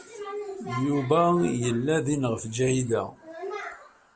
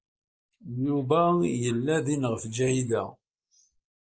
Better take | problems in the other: first | noise reduction (neural mask model Resemble Enhance denoiser)

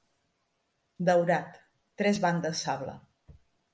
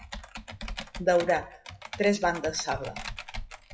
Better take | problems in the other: first | noise reduction (classical method WPE with log-MMSE)

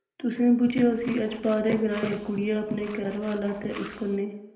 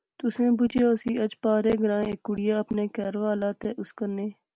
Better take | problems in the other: second | background sound (Tools); 19 dB below the speech // room echo; dies away in 0.9 s

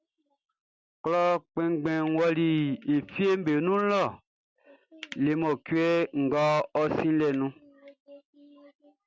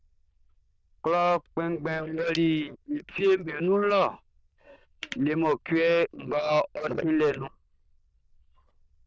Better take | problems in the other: first | noise reduction (neural diffusion model UNIVERSE++)

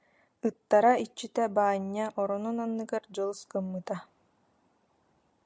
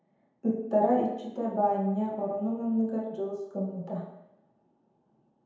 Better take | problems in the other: first | room echo; dies away in 1 s

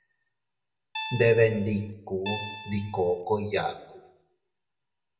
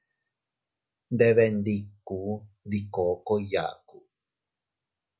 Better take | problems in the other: second | background sound (Guitar); 10 dB below the speech // room echo; dies away in 0.7 s

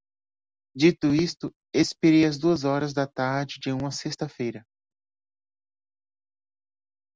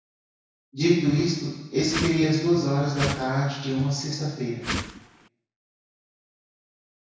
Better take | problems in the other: first | background sound (Whoosh, swoosh, swish); 6 dB below the speech // room echo; dies away in 1 s

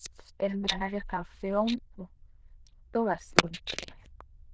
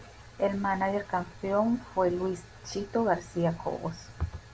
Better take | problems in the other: second | noise reduction (neural diffusion model UNIVERSE++)

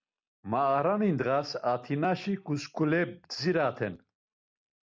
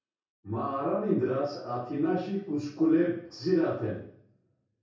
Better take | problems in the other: first | room echo; dies away in 0.6 s

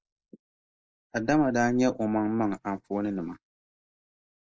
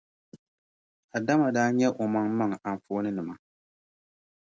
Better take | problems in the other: second | noise reduction (neural mask model Resemble Enhance denoiser)

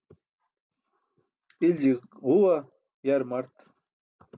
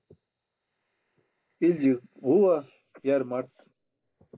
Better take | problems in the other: first | noise reduction (neural mask model Resemble Enhance denoiser)

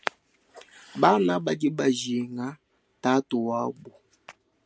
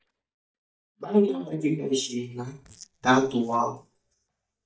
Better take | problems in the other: first | noise reduction (neural mask model DeepFilterNet 3)

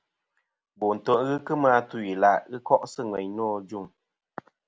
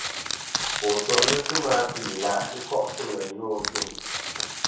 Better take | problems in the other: first | background sound (Crushing); 1 dB below the speech // room echo; dies away in 0.6 s

